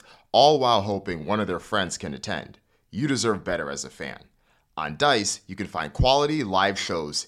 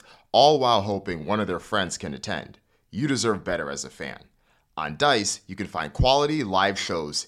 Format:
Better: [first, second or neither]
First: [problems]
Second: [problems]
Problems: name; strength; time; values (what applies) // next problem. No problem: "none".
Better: neither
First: none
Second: none